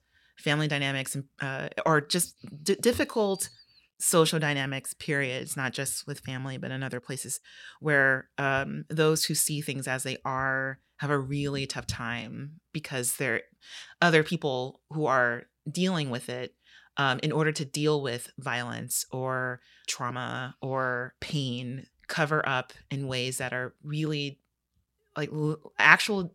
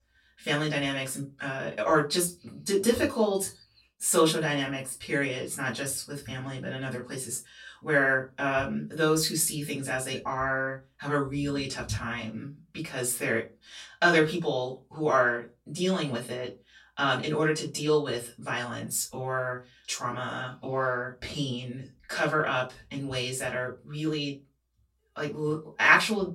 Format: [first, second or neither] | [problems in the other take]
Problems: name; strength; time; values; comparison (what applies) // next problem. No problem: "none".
first | off-mic speech; far // room echo; very slight; dies away in 0.2 s